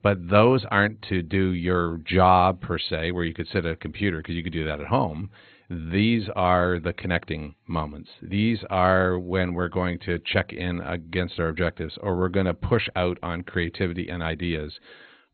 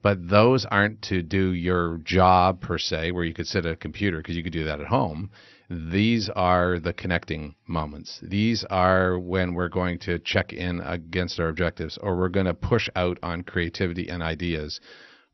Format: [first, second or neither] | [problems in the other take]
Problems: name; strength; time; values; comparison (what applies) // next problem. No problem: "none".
second | garbled, watery; badly; nothing above 4 kHz; slightly in the second